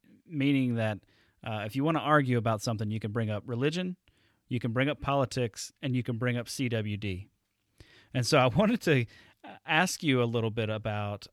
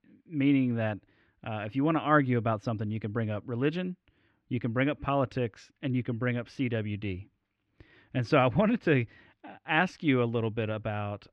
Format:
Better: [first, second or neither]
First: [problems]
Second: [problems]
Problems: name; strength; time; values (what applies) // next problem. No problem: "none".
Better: first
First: none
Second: muffled; slightly; fading above 2 kHz